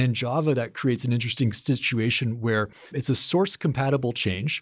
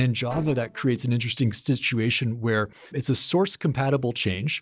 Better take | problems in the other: first | noise reduction (neural separator model SepFormer DNS4)

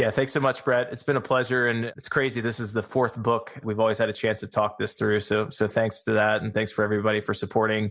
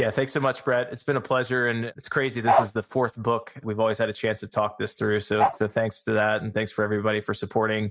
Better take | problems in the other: first | noise reduction (neural mask model RNNoise)

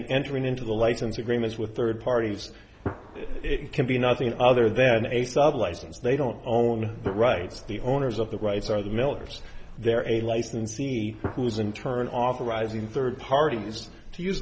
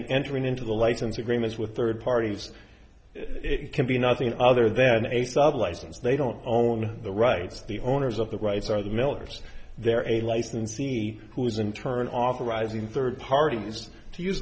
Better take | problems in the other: second | background sound (Gunshot, gunfire); 17 dB below the speech

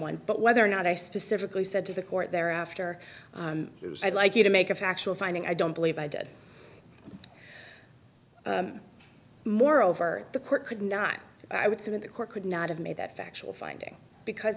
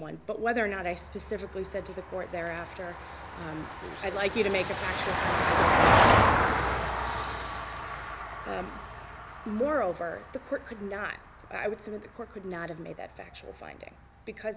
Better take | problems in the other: first | background sound (Vehicle); 4 dB above the speech

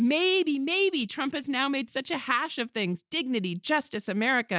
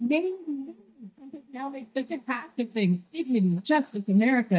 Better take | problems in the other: first | noise reduction (neural mask model DeepFilterNet 3)

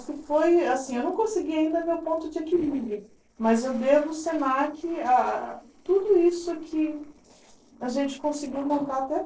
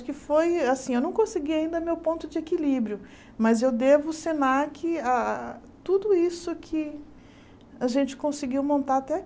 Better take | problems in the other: second | noise reduction (neural separator model SepFormer DNS4)

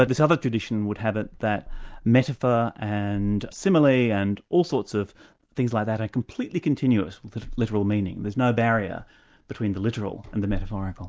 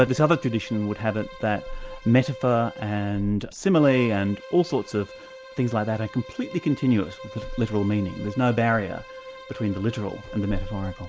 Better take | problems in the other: first | background sound (Bowed string instrument); 16 dB below the speech

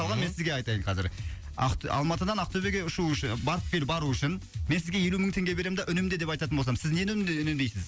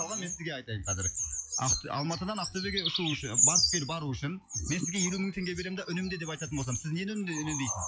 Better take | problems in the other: first | noise reduction (classical method log-MMSE)

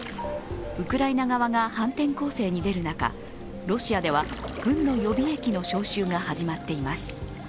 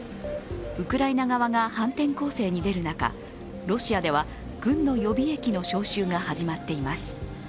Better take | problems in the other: second | background sound (Drip / Trickle, dribble / Water / Splash, splatter + Gong); 16 dB below the speech

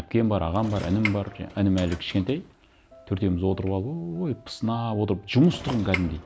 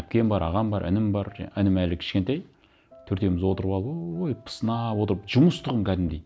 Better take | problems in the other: second | background sound (Sliding door / Train); 15 dB below the speech

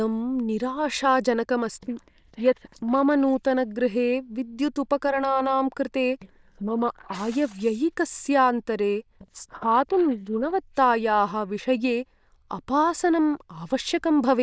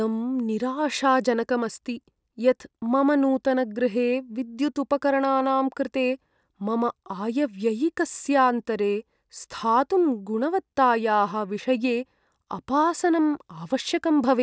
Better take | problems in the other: second | noise reduction (neural diffusion model UNIVERSE++)

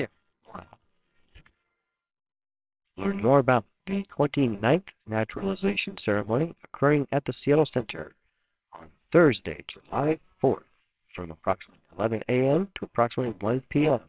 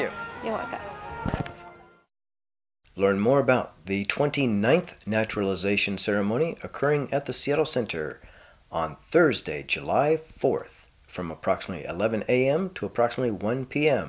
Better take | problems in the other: second | noise reduction (neural separator model SepFormer WHAMR!)

